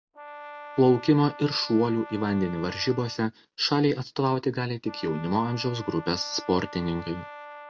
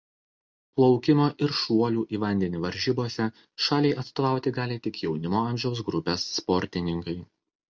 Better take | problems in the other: second | background sound (Brass instrument); 16 dB below the speech

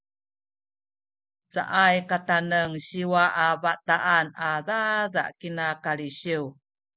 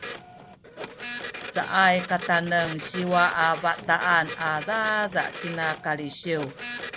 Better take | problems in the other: first | background sound (Printer); 12 dB below the speech

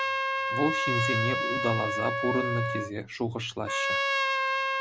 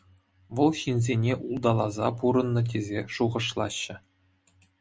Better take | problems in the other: second | background sound (Trumpet); 3 dB above the speech

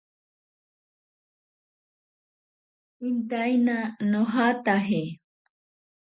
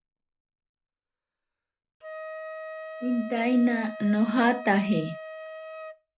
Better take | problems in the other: first | background sound (Wind instrument, woodwind instrument); 12 dB below the speech

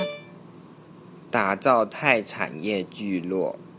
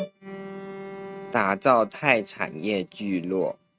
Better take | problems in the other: first | noise reduction (neural mask model RNNoise)

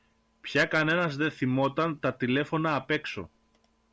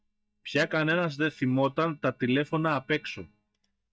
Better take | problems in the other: first | noise reduction (neural mask model DeepFilterNet 3)

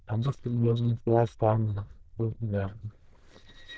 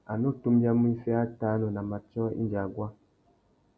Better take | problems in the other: second | noise reduction (neural diffusion model UNIVERSE++)

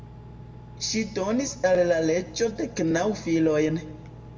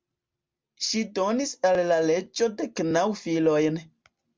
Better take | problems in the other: second | background sound (Engine); 17 dB below the speech // room echo; dies away in 1.1 s

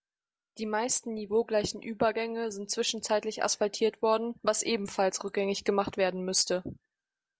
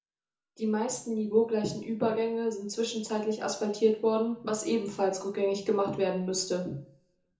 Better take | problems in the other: first | room echo; dies away in 0.6 s

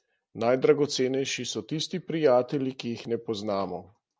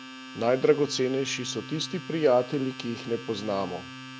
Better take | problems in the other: first | background sound (Domestic sounds, home sounds); 14 dB below the speech

